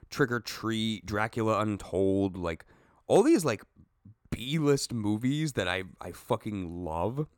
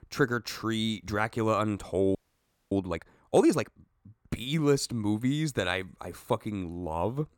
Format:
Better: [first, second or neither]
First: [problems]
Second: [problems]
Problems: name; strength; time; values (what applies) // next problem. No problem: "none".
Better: first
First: none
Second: audio freezing; at 2 s for 0.5 s